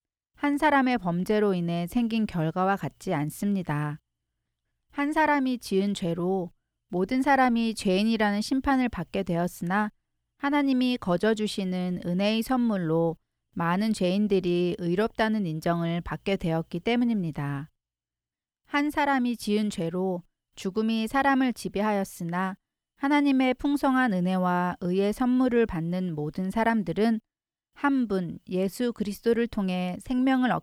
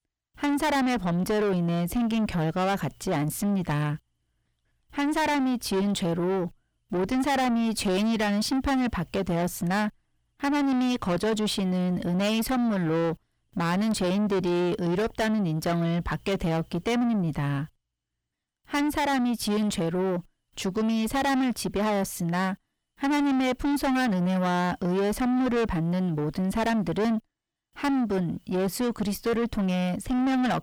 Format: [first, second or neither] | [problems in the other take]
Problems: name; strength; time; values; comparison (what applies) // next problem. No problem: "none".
first | distortion; heavy; 8 dB below the speech